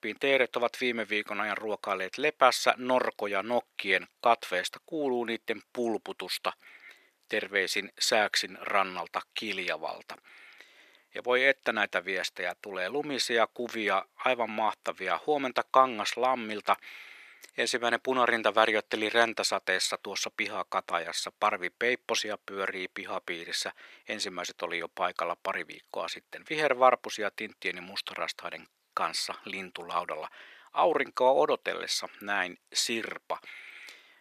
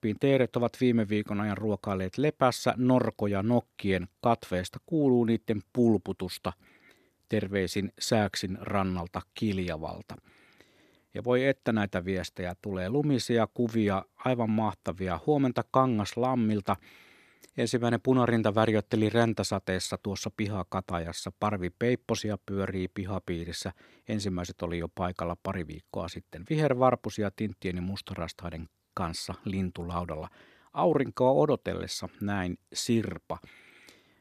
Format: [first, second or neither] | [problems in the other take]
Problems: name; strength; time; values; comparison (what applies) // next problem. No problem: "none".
second | thin; very; fading below 550 Hz